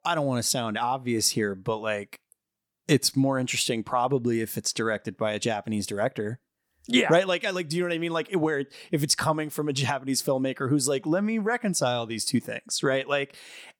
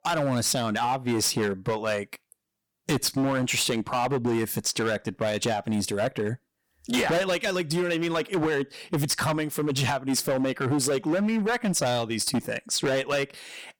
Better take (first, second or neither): first